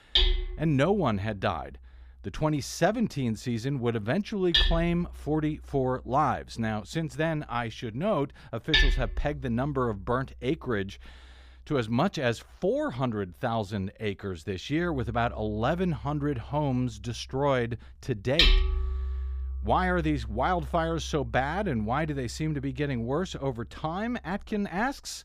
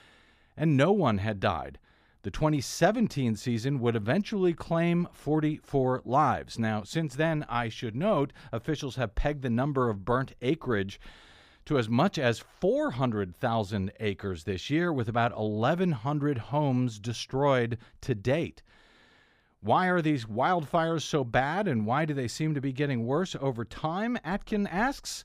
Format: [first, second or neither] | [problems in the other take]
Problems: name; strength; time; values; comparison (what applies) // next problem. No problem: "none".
second | machinery noise; loud; throughout; as loud as the speech